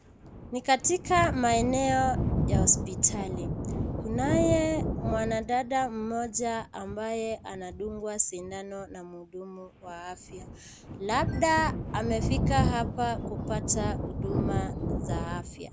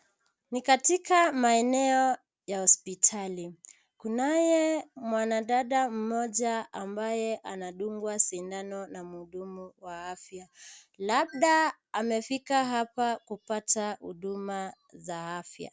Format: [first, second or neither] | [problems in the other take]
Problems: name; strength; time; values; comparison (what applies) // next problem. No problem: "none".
second | background sound (Thunder); 2 dB below the speech